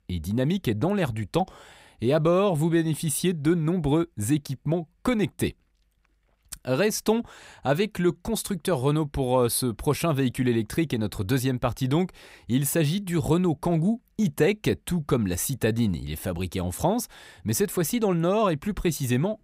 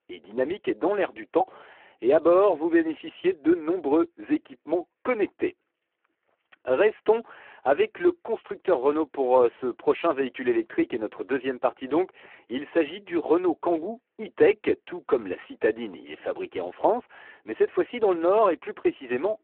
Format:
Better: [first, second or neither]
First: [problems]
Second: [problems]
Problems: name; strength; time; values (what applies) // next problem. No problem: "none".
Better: first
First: none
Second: phone-call audio; poor line